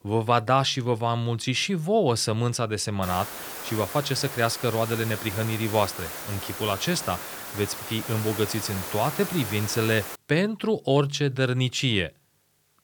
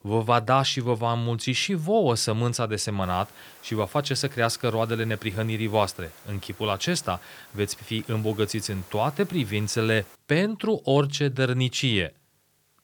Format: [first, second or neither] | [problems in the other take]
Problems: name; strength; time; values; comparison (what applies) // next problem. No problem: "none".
second | hiss; loud; from 3 to 10 s; 8 dB below the speech; faint in the second